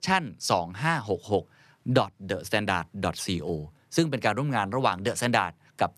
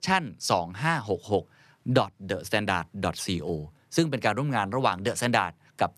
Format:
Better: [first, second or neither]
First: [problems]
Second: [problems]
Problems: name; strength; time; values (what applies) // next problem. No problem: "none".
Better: neither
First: none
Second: none